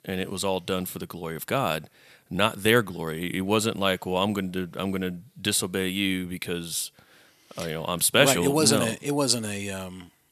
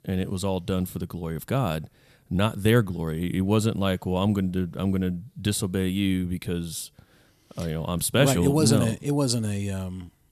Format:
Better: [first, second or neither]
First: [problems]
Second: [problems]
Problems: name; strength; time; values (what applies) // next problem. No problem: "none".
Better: second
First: thin; somewhat; fading below 1 kHz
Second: none